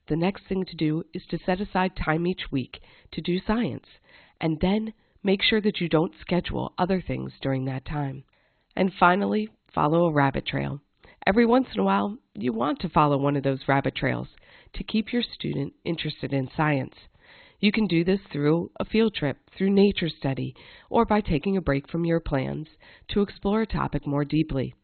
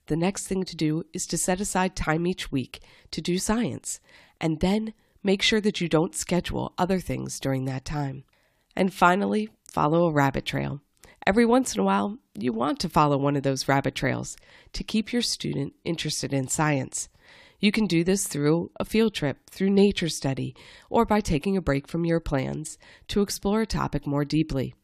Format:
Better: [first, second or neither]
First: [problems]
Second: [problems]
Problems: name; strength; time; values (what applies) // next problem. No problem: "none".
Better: second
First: garbled, watery; badly; nothing above 4 kHz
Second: none